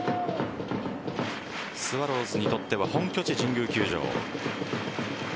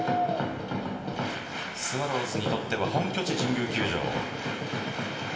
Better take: first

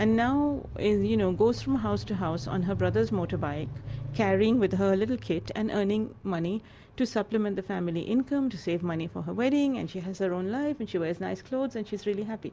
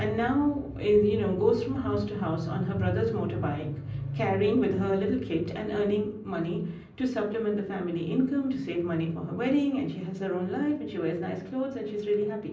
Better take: first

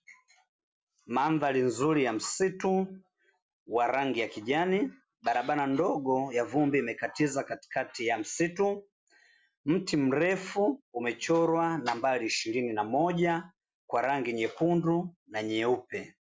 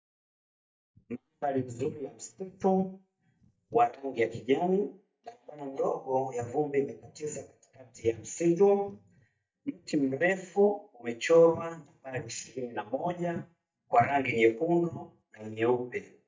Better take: first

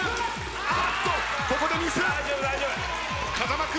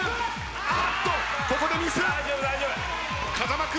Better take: second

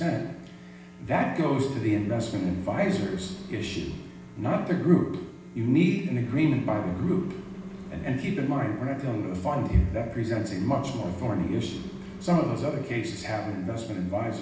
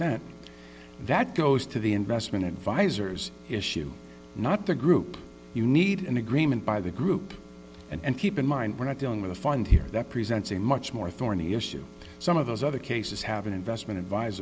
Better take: second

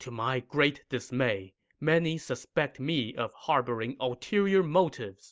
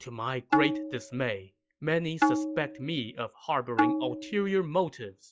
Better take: first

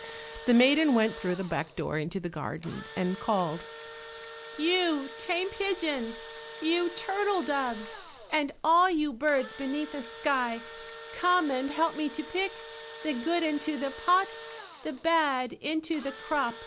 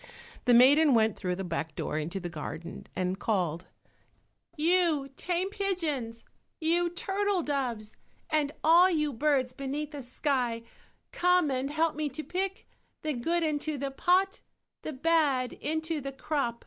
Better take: second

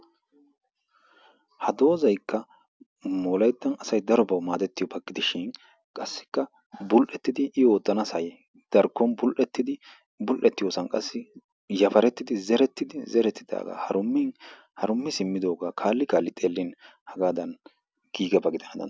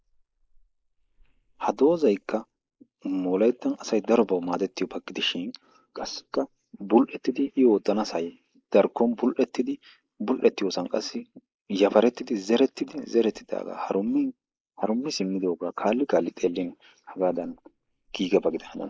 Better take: first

